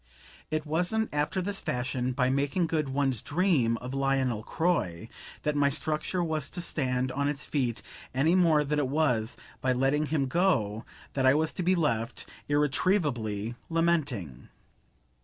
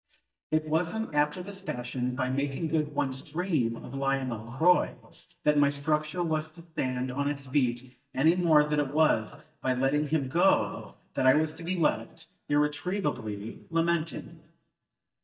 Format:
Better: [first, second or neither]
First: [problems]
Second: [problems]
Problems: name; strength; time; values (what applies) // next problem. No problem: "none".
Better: first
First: none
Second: noise reduction (neural mask model DeepFilterNet 3)